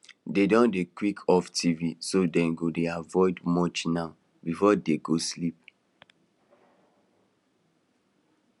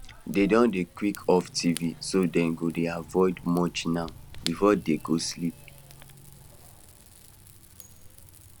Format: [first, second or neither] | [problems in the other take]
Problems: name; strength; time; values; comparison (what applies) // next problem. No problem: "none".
first | background sound (Fire / Rain); 17 dB below the speech